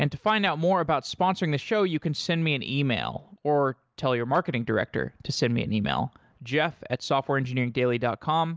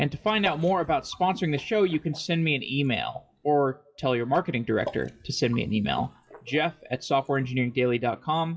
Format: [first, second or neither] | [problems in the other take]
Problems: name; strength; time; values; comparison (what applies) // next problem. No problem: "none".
first | noise reduction (classical method WPE with log-MMSE)